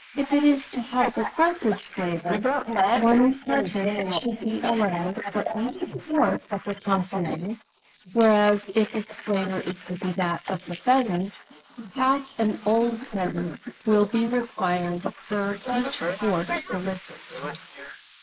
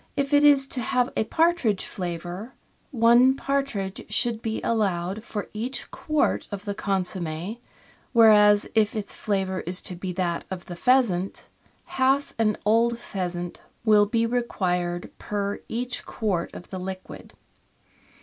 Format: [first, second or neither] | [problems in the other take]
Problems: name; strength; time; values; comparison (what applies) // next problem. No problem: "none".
second | noise reduction (neural mask model Resemble Enhance denoiser)